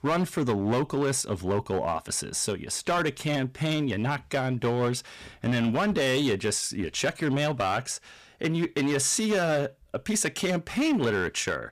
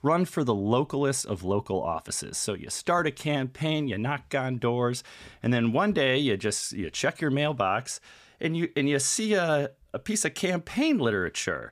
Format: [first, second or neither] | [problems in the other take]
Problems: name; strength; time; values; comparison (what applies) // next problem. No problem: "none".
second | distortion; slight; 11% of the sound clipped